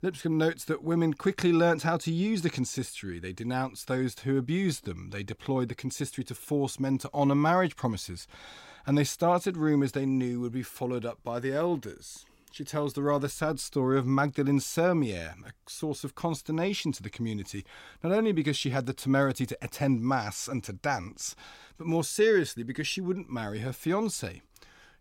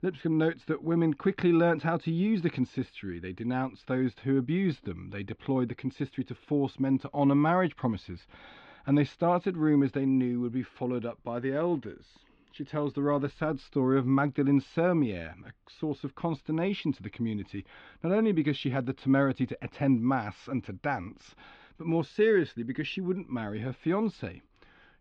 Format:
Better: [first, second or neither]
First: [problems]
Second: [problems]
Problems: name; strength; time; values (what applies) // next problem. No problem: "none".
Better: first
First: none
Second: muffled; very; fading above 3.5 kHz